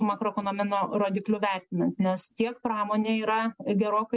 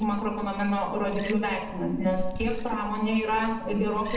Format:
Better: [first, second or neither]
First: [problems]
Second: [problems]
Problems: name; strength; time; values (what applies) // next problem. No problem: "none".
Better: first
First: none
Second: background sound (Liquid); 8 dB below the speech // room echo; dies away in 0.8 s